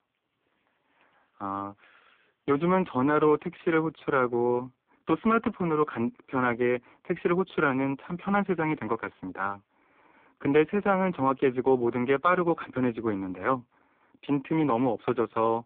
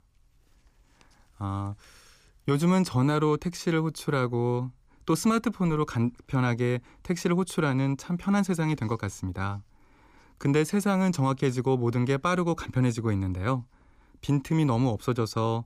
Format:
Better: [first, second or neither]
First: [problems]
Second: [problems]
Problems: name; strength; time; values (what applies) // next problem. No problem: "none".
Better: second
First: phone-call audio; poor line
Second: none